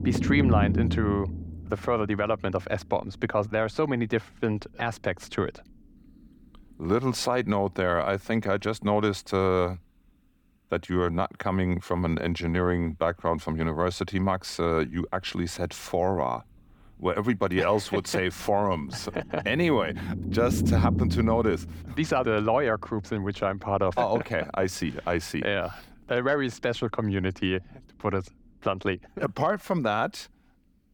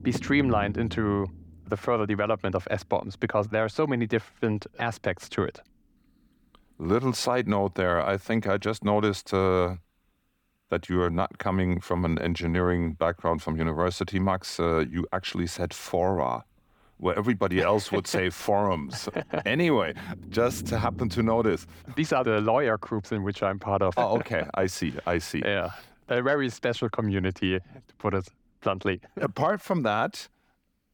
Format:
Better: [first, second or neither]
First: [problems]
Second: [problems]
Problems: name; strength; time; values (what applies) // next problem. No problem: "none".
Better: second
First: low rumble; loud; throughout; 10 dB below the speech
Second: low rumble; faint; throughout; 20 dB below the speech